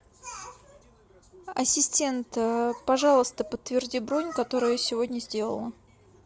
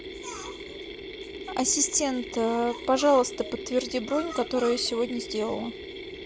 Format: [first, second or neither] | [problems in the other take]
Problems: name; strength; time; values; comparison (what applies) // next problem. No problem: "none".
first | background sound (Mechanisms); 11 dB below the speech